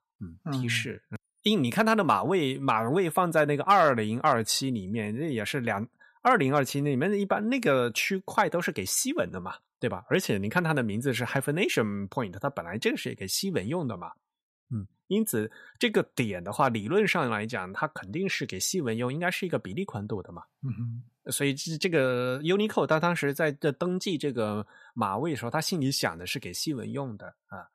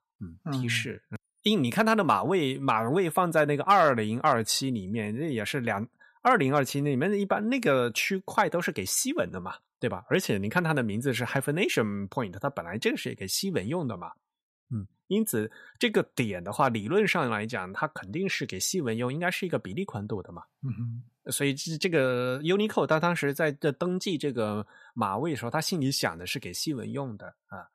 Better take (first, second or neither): neither